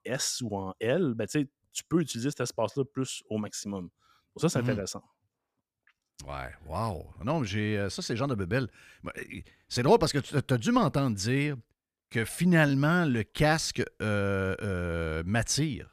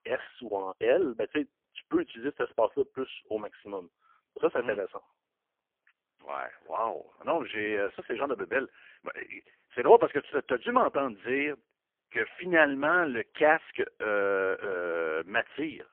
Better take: first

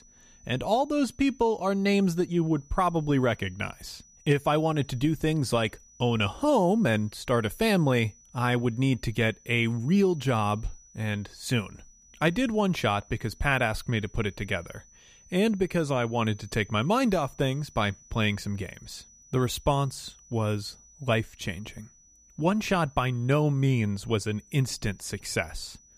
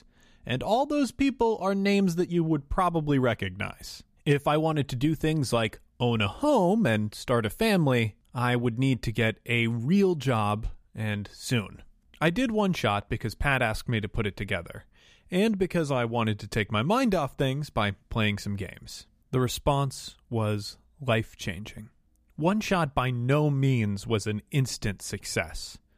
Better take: second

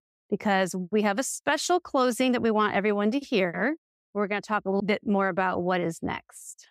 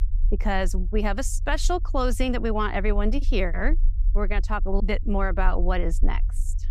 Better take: first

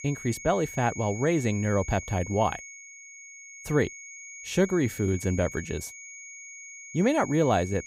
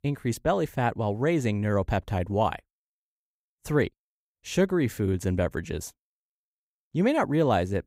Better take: second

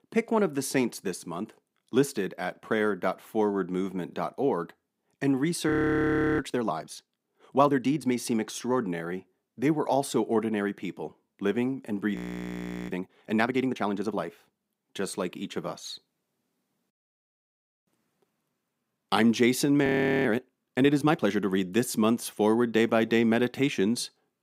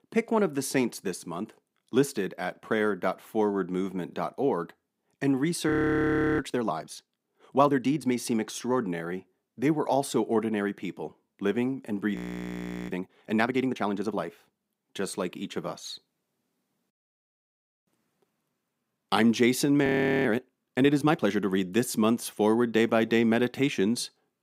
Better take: neither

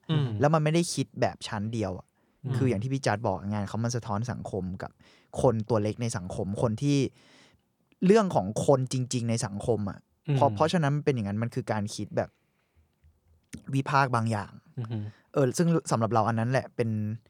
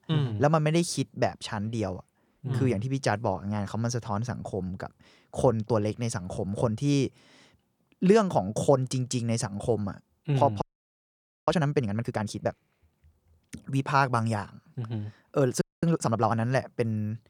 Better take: first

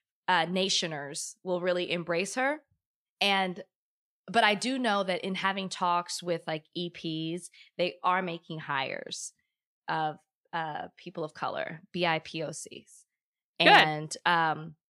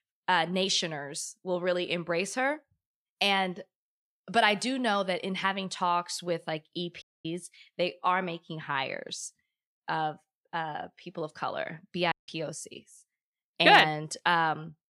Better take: first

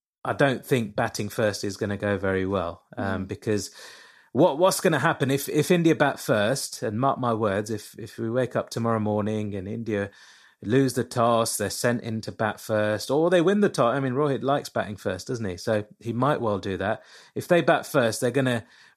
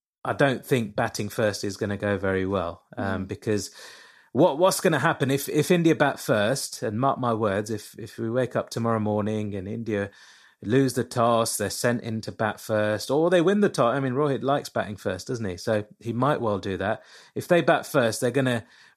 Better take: neither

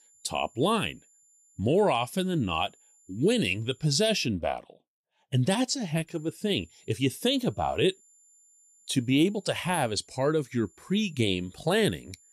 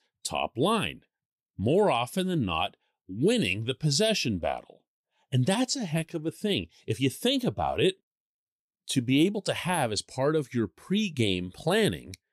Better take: second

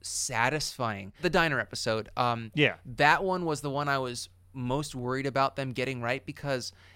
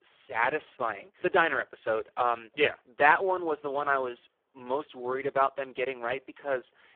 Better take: first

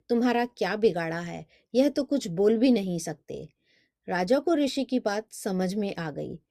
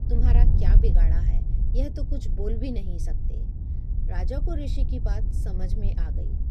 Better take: first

